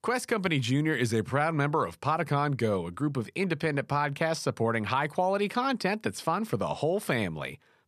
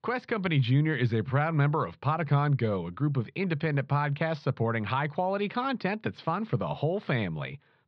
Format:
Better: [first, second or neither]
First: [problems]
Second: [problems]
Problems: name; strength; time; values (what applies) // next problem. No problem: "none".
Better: first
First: none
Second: muffled; slightly; fading above 4 kHz